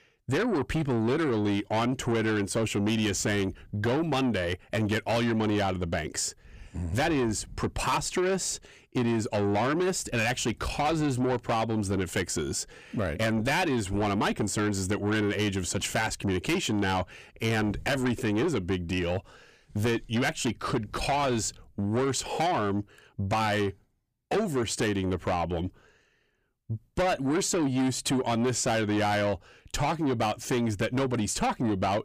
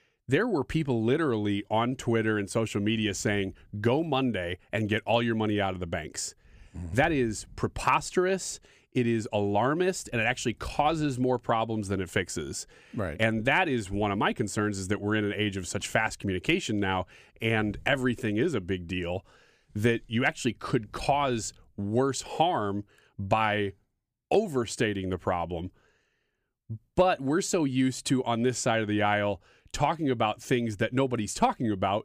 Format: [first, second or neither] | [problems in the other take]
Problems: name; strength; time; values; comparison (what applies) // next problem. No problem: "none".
second | distortion; heavy; 7 dB below the speech